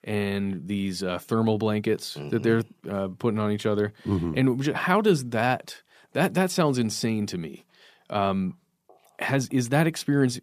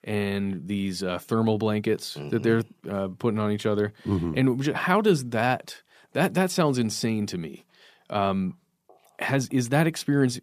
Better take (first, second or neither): neither